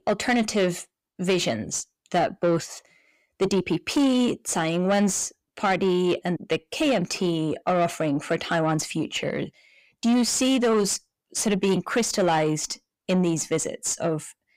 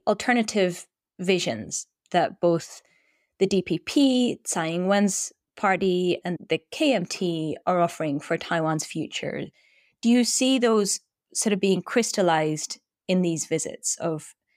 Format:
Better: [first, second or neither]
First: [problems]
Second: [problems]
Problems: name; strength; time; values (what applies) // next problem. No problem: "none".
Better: second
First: distortion; slight; 10 dB below the speech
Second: none